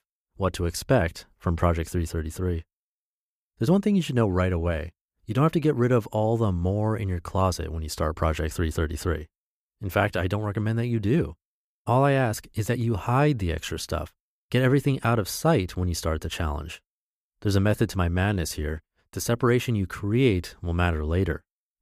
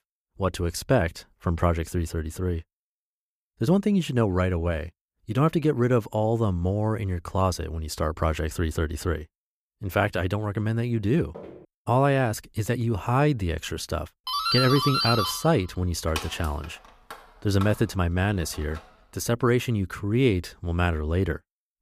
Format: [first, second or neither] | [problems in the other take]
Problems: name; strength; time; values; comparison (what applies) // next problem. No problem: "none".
first | footsteps; faint; at 11 s; peak 15 dB below the speech // doorbell; loud; from 14 to 19 s; peak 2 dB above the speech